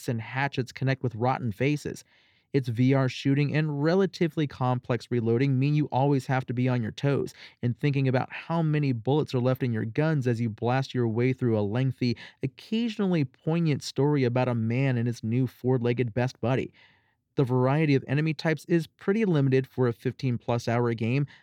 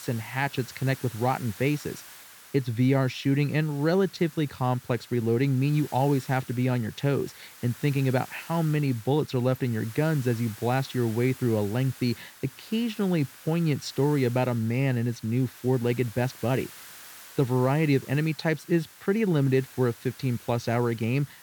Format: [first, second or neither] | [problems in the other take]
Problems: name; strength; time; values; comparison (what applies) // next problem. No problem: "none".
first | hiss; noticeable; throughout; 20 dB below the speech